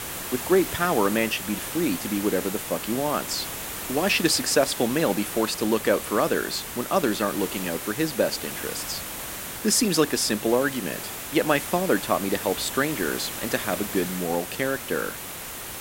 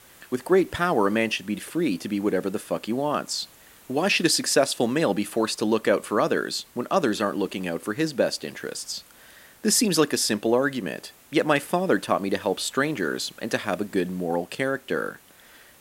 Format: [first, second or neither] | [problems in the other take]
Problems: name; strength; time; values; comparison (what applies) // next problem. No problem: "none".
second | hiss; loud; throughout; 7 dB below the speech; faint in the second